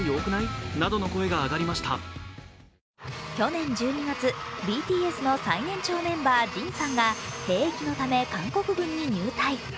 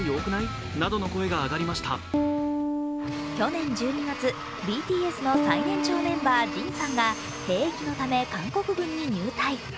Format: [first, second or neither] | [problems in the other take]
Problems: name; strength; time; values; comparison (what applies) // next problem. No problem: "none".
first | background sound (Piano); 3 dB below the speech